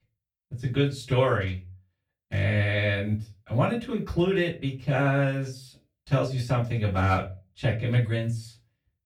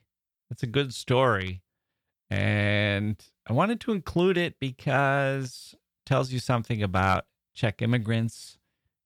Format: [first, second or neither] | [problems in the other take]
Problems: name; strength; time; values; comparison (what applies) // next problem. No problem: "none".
second | off-mic speech; far // room echo; very slight; dies away in 0.3 s